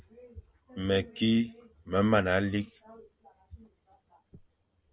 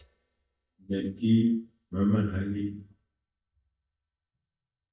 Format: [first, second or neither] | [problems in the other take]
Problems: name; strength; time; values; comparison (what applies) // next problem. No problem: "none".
first | noise reduction (neural mask model DeepFilterNet 3)